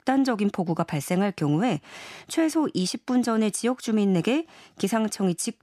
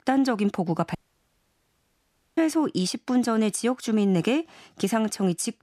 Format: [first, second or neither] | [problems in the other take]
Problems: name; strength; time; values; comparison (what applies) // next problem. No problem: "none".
first | audio cutting out; at 1 s for 1.5 s